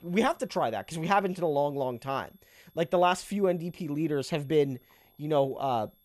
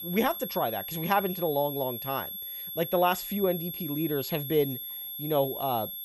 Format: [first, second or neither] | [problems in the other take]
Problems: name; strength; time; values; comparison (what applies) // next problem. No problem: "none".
first | high-pitched whine; loud; throughout; 11.5 kHz, 6 dB below the speech; faint in the first